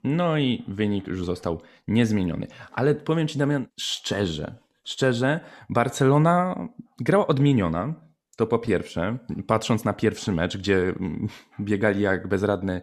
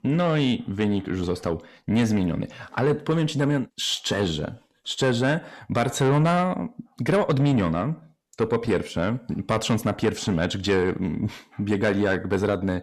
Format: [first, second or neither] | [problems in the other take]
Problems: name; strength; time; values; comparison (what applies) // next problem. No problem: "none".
first | distortion; slight; 10 dB below the speech